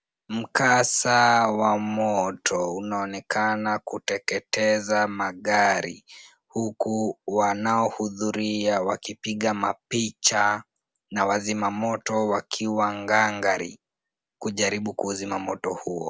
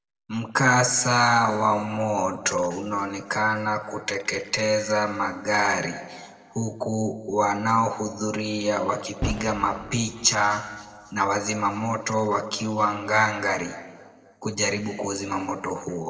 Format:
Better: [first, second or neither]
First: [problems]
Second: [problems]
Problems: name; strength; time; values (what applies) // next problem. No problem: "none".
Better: first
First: none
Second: noise reduction (neural separator model SepFormer DNS4)